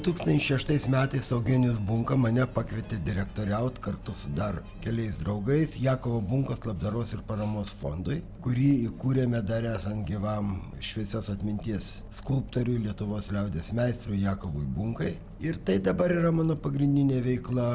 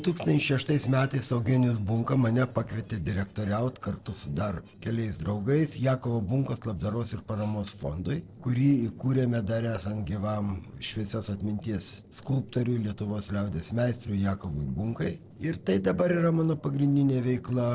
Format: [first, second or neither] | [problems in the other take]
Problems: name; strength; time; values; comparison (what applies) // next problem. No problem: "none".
first | noise reduction (neural separator model SepFormer DNS4)